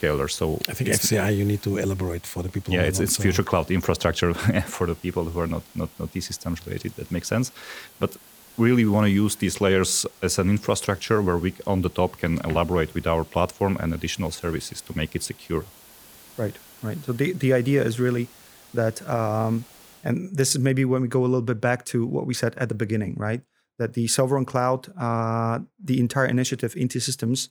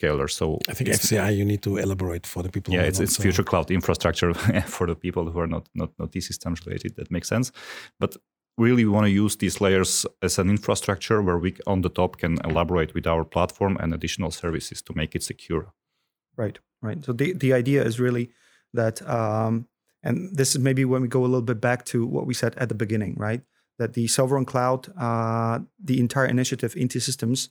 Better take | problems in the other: second | hiss; faint; until 20 s; 25 dB below the speech

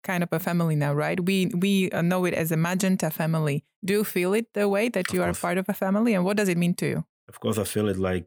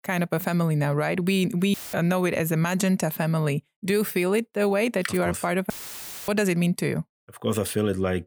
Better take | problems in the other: first | audio cutting out; filled with static; at 1.5 s and at 5.5 s for 0.5 s

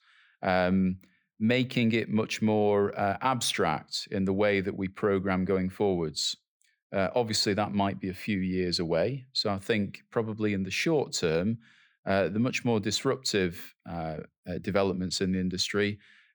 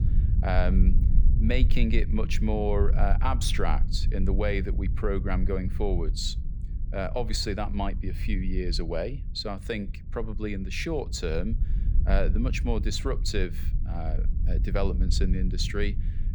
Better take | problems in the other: first | low rumble; noticeable; throughout; 15 dB below the speech

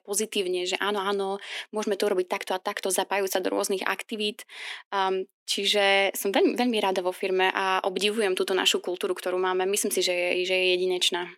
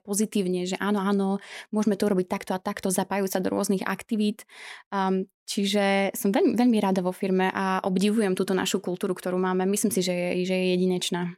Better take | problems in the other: second | thin; somewhat; fading below 300 Hz

